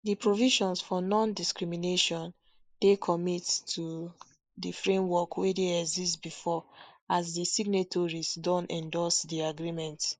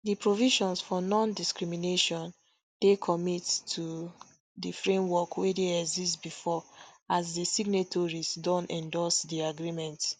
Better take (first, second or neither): second